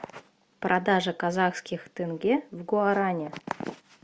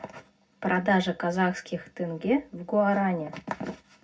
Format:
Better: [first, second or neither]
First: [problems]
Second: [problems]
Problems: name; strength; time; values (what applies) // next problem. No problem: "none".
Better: first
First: none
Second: room echo; dies away in 0.3 s